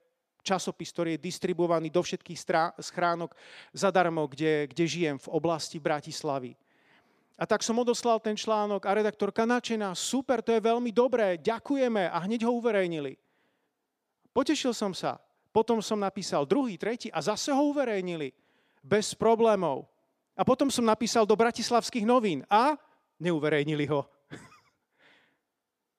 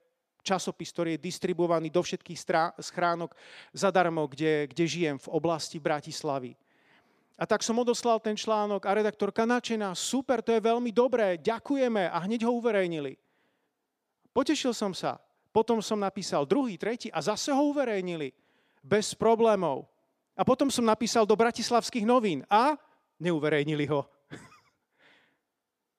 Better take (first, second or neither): neither